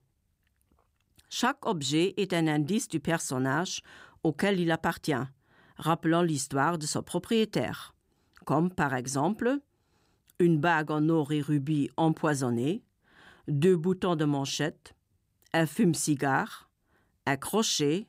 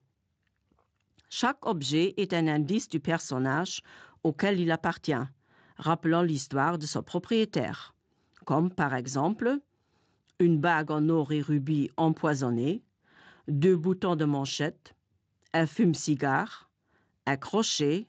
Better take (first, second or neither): first